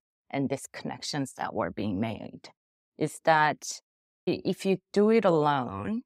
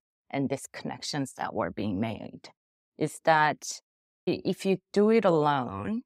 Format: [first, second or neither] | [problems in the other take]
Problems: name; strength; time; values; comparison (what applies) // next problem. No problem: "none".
neither | none